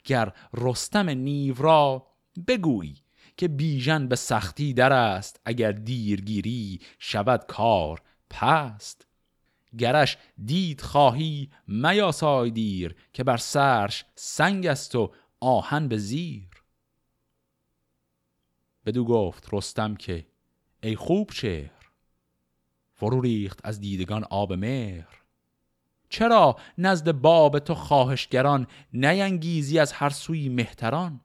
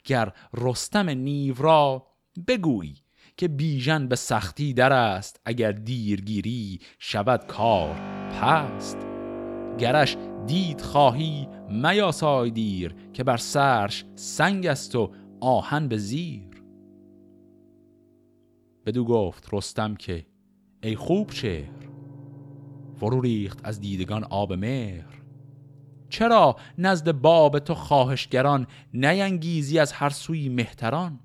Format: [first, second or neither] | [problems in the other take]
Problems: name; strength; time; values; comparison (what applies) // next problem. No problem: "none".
first | background music; noticeable; from 8 s on; 15 dB below the speech